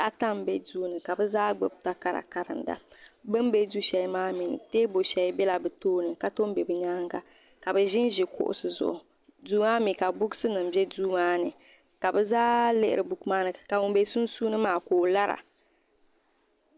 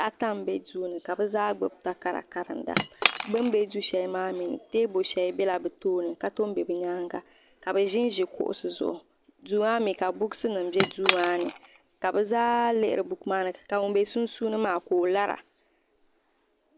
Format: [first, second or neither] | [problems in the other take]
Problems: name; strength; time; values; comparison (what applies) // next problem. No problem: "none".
first | background sound (Cutlery, silverware / Chink, clink); 4 dB below the speech